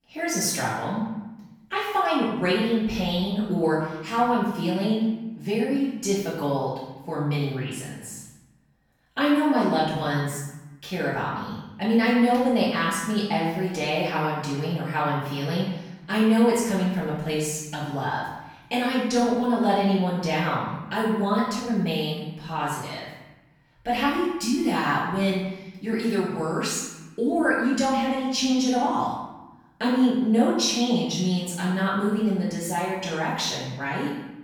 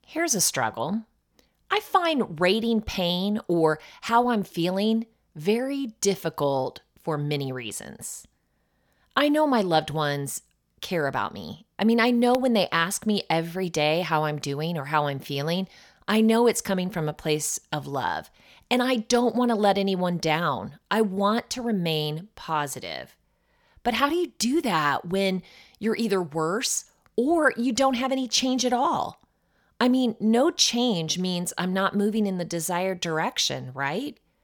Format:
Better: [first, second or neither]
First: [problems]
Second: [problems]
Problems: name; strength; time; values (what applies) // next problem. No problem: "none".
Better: second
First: off-mic speech; far // room echo; noticeable; dies away in 0.9 s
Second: none